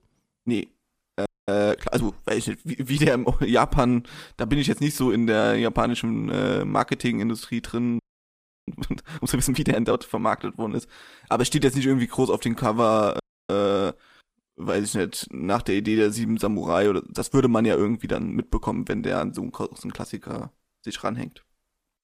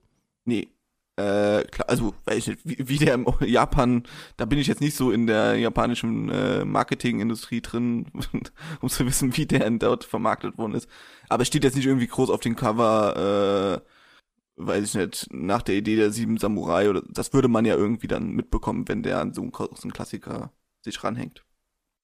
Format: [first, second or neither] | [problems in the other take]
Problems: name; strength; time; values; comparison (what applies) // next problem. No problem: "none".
second | audio freezing; at 1.5 s, at 8 s for 0.5 s and at 13 s